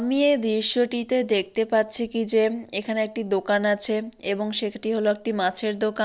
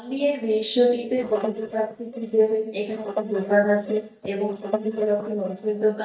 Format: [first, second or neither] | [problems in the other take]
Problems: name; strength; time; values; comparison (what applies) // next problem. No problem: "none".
first | noise reduction (neural mask model DeepFilterNet 3)